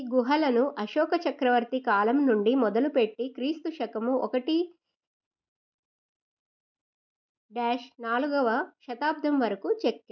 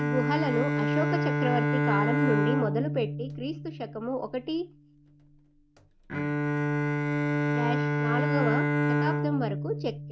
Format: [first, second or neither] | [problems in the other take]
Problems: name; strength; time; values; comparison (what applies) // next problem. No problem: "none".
first | background sound (Bowed string instrument); 4 dB above the speech